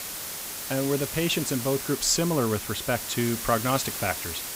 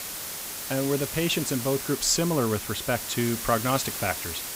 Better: neither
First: hiss; loud; throughout; 5 dB below the speech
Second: hiss; loud; throughout; 5 dB below the speech

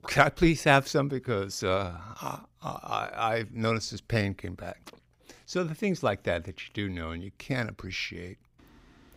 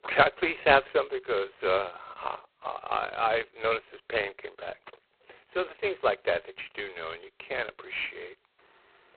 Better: first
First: none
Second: phone-call audio; poor line; nothing above 4 kHz

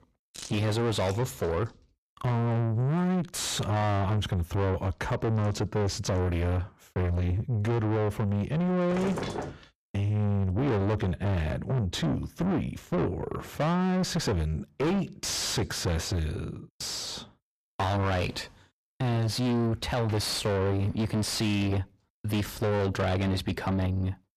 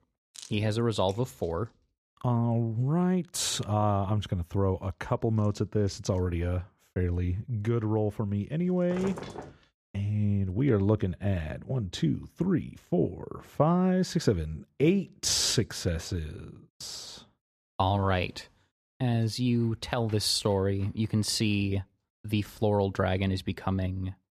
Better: second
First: distortion; heavy; 6 dB below the speech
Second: none

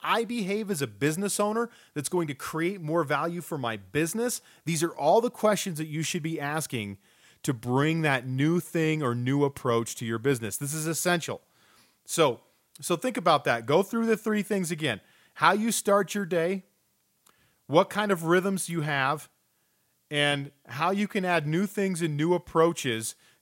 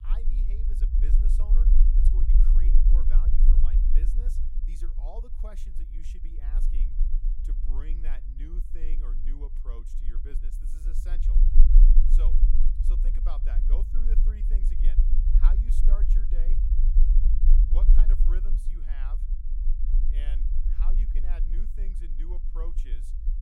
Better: first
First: none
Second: low rumble; loud; throughout; as loud as the speech

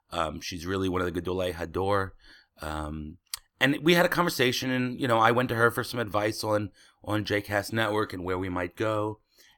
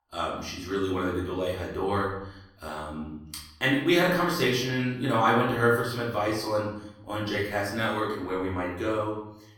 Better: first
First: none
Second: off-mic speech; far // room echo; noticeable; dies away in 0.7 s

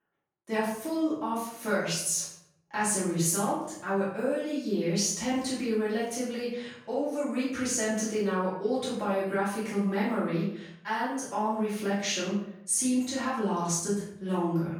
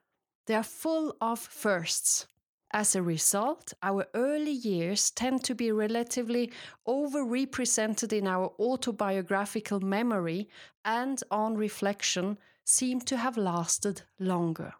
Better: second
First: off-mic speech; far // room echo; noticeable; dies away in 0.6 s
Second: none

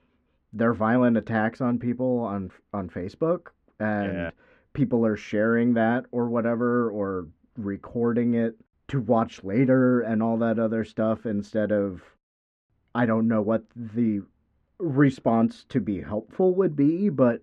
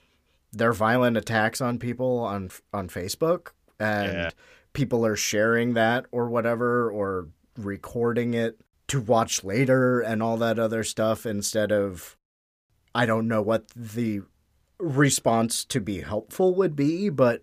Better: second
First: muffled; very; fading above 2 kHz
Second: none

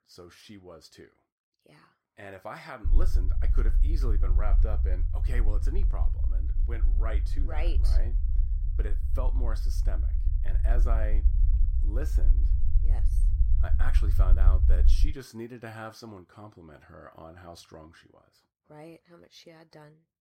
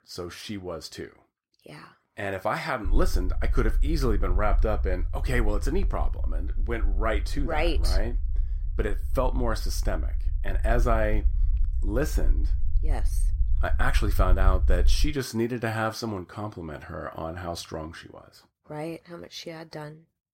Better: second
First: low rumble; loud; from 3 to 15 s; 7 dB below the speech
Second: low rumble; faint; from 3 to 15 s; 20 dB below the speech

